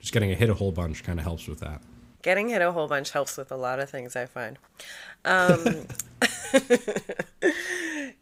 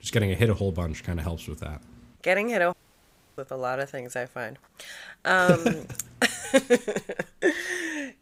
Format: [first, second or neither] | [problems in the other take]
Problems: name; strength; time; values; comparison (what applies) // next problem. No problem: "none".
first | audio cutting out; at 2.5 s for 0.5 s